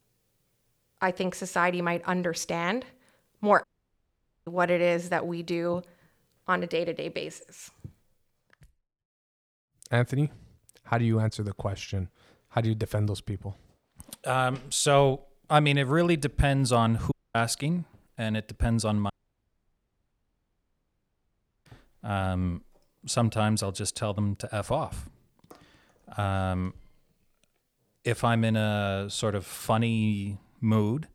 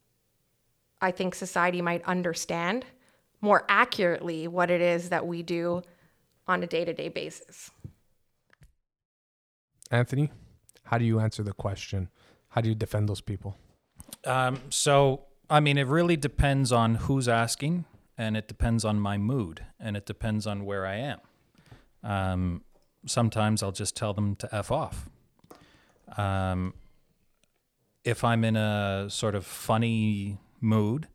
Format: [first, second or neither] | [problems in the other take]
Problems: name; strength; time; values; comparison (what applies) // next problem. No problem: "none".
second | audio cutting out; at 3.5 s for 1 s, at 17 s and at 19 s for 2.5 s